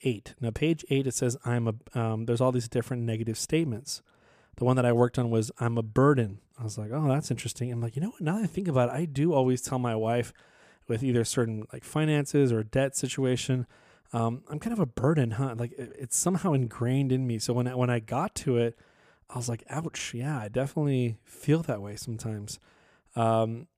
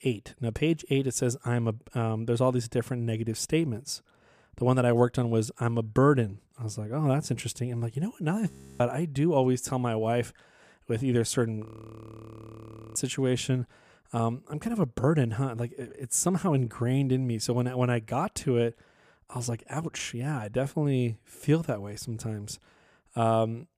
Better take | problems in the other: first | audio freezing; at 8.5 s and at 12 s for 1.5 s

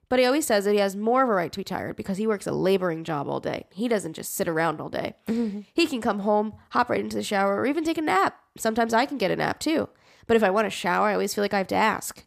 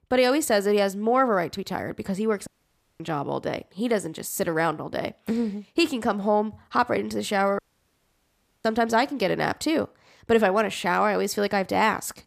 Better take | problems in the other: first | audio cutting out; at 2.5 s for 0.5 s and at 7.5 s for 1 s

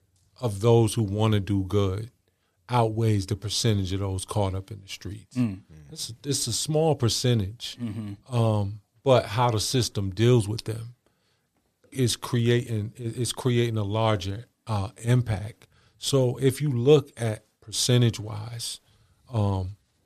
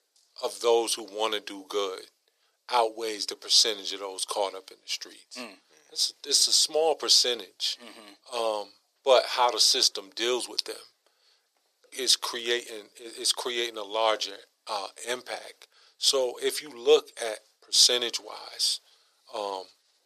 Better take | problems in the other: first | thin; very; fading below 450 Hz

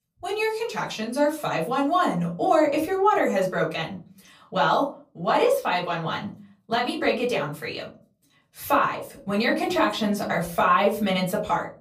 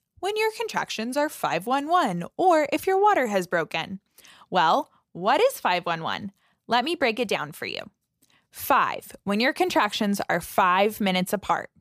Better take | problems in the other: second | off-mic speech; far // room echo; very slight; dies away in 0.3 s

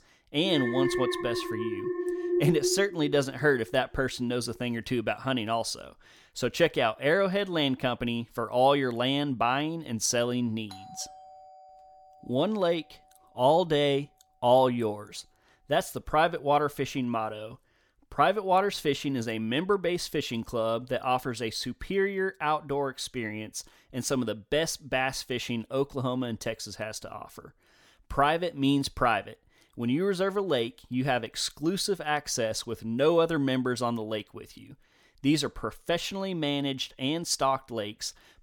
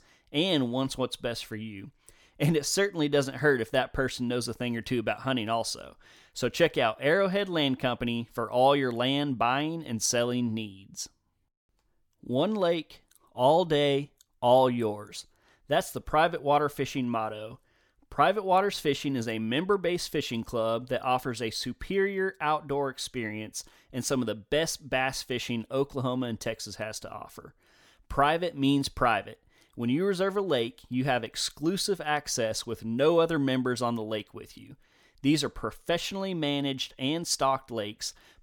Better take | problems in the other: second | alarm; loud; until 4 s; peak level with the speech // doorbell; faint; from 11 to 13 s; peak 20 dB below the speech

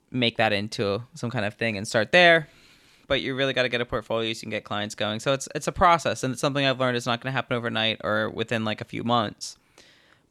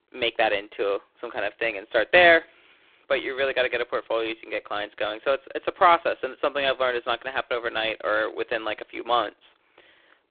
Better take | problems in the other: first | phone-call audio; poor line; nothing above 3.5 kHz

